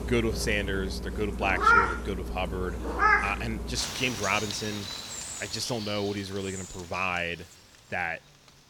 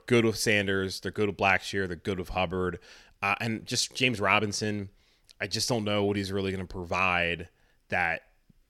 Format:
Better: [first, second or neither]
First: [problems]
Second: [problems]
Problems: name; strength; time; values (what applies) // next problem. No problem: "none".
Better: second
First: animal sounds; very loud; throughout; 2 dB above the speech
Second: none